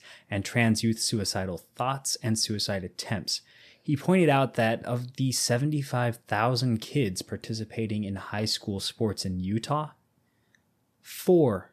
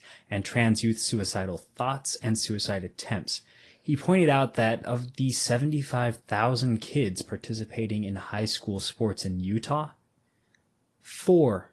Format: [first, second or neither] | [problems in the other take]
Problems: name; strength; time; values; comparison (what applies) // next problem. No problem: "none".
first | garbled, watery; slightly